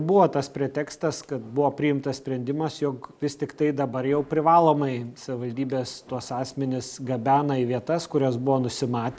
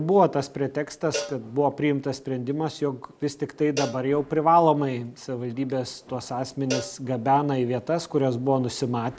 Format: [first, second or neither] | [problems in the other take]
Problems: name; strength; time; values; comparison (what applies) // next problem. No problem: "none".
first | background sound (Cowbell); 14 dB below the speech